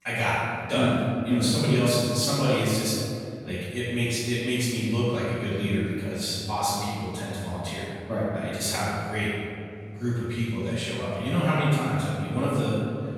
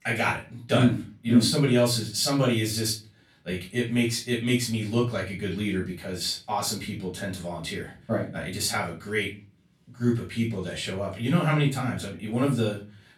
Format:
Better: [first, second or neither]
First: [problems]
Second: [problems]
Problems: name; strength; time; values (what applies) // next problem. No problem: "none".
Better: second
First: room echo; strong; dies away in 2.4 s // off-mic speech; far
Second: room echo; slight; dies away in 0.3 s // off-mic speech; far